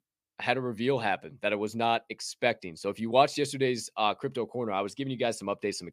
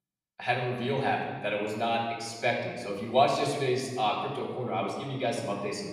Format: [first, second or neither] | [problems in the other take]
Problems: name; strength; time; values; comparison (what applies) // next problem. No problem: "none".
first | room echo; noticeable; dies away in 1.2 s // off-mic speech; far